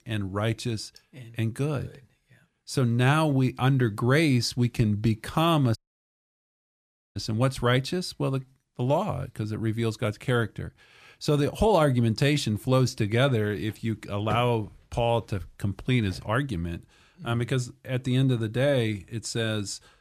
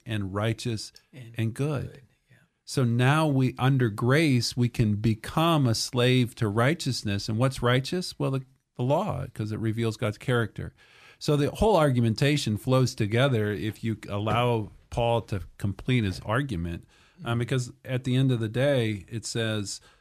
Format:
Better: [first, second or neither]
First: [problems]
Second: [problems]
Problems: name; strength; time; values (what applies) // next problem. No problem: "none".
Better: second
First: audio cutting out; at 6 s for 1.5 s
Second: none